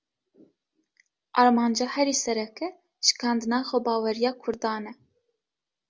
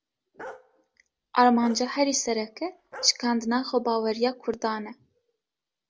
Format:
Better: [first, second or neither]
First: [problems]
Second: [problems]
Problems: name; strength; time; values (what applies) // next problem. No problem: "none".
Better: first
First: none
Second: background sound (Bark); 19 dB below the speech